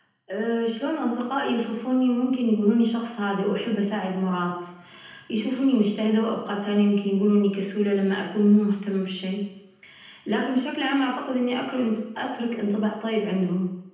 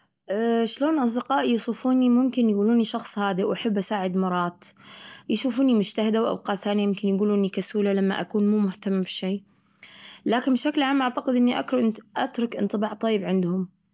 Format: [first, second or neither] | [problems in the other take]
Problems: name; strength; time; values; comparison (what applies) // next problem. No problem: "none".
second | room echo; dies away in 0.9 s